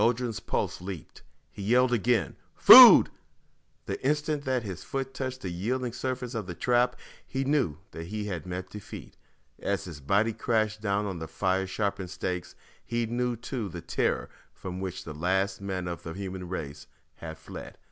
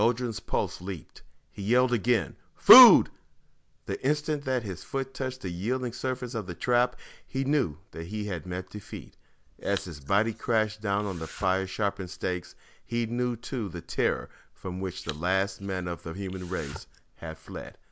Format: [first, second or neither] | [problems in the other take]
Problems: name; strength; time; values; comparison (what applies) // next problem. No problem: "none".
first | background sound (Domestic sounds, home sounds); 18 dB below the speech